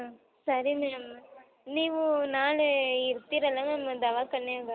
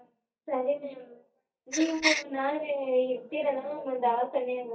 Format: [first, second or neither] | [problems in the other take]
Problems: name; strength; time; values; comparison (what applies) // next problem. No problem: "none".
first | noise reduction (neural mask model DeepFilterNet 3)